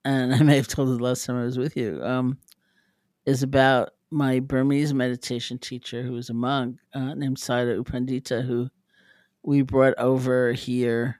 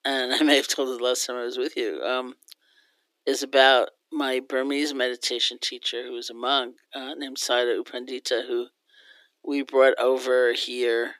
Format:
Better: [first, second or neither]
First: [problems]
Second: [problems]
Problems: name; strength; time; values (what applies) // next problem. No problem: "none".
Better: first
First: none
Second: thin; somewhat; fading below 300 Hz